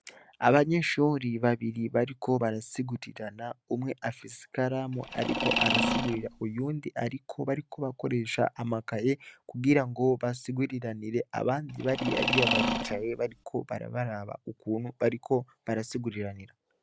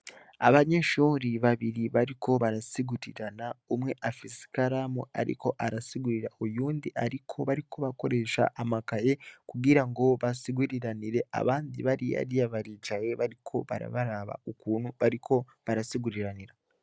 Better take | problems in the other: second | background sound (Mechanisms); as loud as the speech

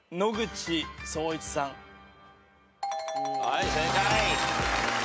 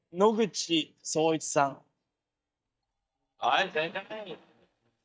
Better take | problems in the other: first | noise reduction (neural mask model DeepFilterNet 3)

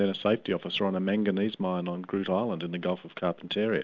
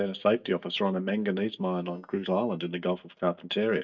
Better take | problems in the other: first | noise reduction (neural mask model DeepFilterNet 3)

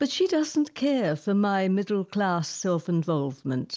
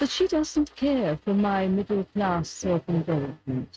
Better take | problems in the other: first | noise reduction (neural mask model RNNoise)

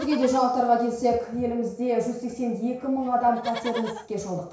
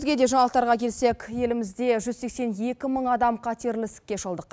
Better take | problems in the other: second | background sound (Livestock, farm animals, working animals); 18 dB below the speech // room echo; dies away in 0.6 s

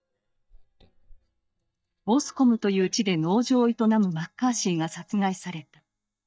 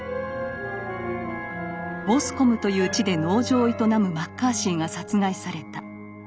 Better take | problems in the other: second | noise reduction (neural mask model DeepFilterNet 3)

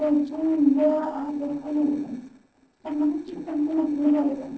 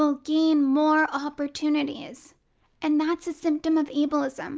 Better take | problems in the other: second | noise reduction (neural separator model SepFormer DNS4)

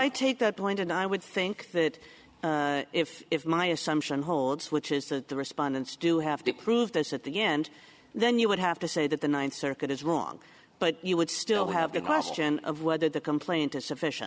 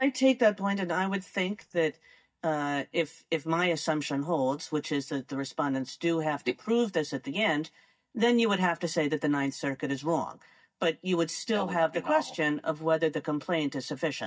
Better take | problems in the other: first | noise reduction (neural mask model DeepFilterNet 3)

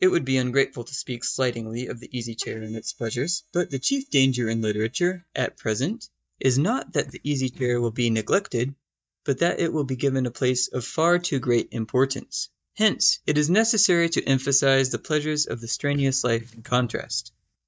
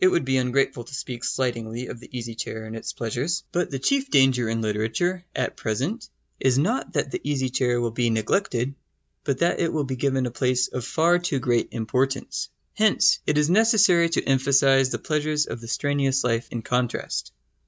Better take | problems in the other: second | noise reduction (neural mask model DeepFilterNet 3)

